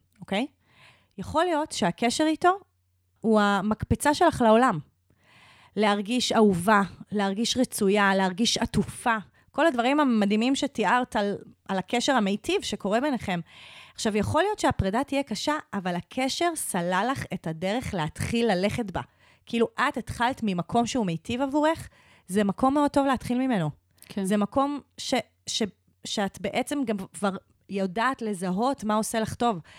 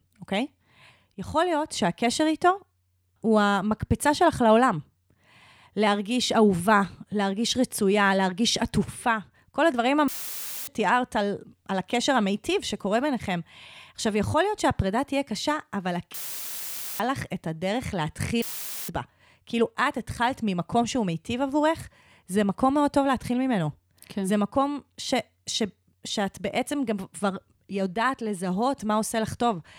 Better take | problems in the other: first | audio cutting out; filled with static; at 10 s for 0.5 s, at 16 s for 1 s and at 18 s

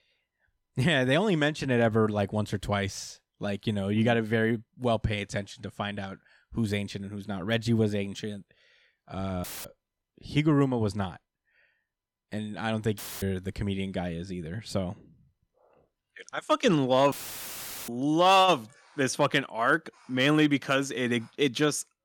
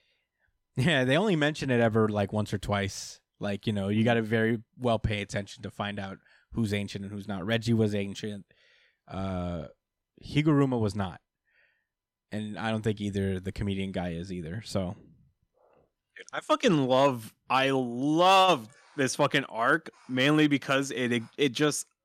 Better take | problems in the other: second | audio cutting out; filled with static; at 9.5 s, at 13 s and at 17 s for 1 s

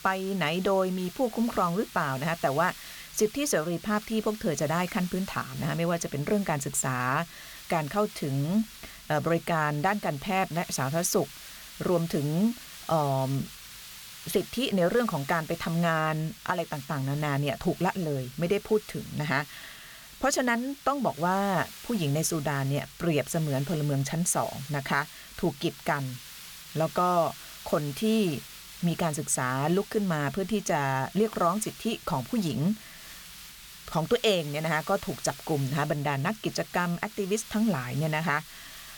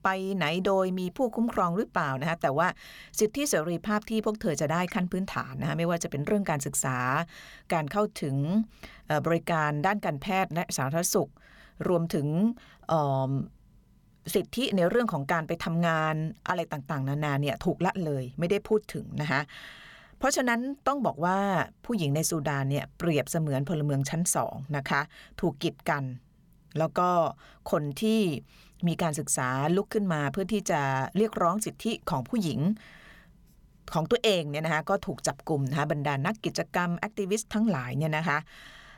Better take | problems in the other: second | hiss; noticeable; throughout; 15 dB below the speech

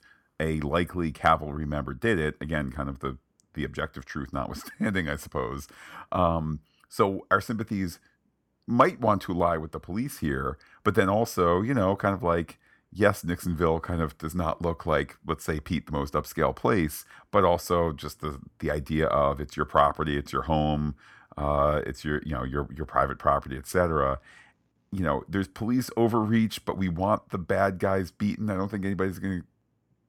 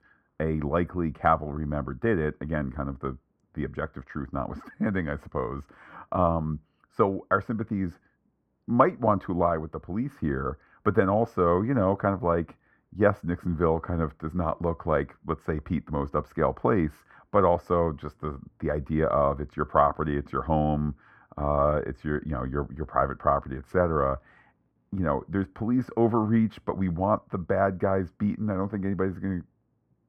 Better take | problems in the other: first | muffled; very; fading above 3 kHz

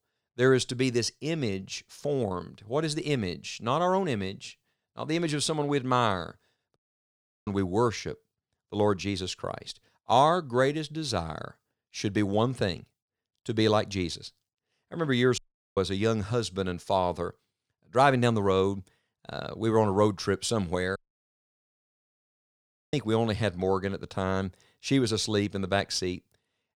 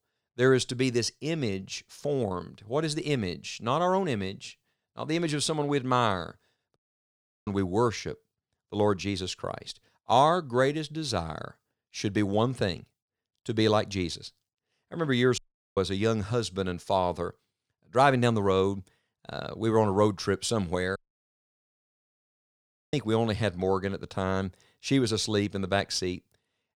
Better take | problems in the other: neither | audio cutting out; at 7 s for 0.5 s, at 15 s and at 21 s for 2 s; the same in both

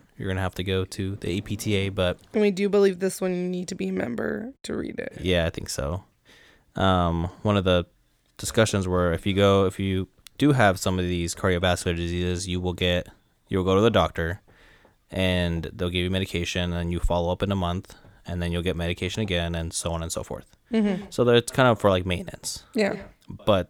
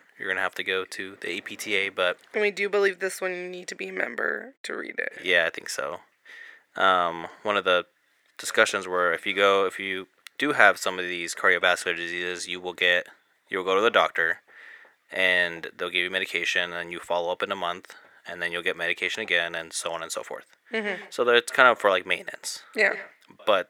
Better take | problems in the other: first | thin; very; fading below 450 Hz

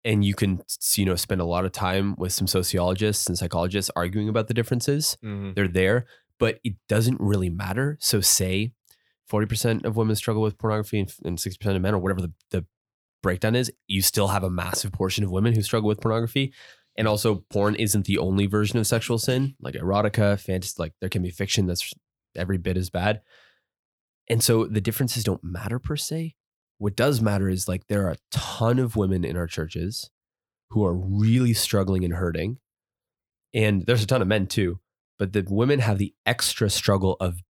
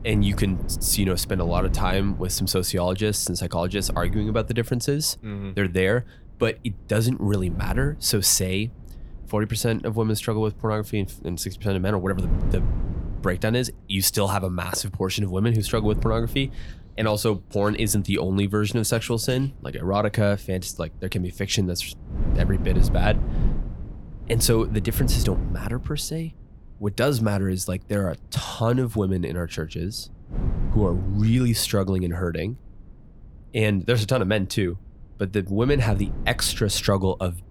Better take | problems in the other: first | wind noise on the microphone; occasional gusts; 15 dB below the speech

